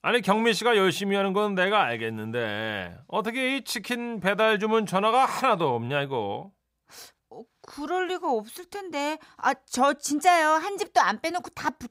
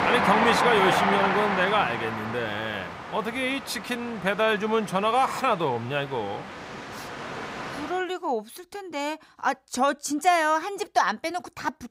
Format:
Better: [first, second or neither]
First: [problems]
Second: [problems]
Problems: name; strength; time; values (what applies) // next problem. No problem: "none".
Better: first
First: none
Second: train or aircraft noise; loud; until 8 s; 1 dB below the speech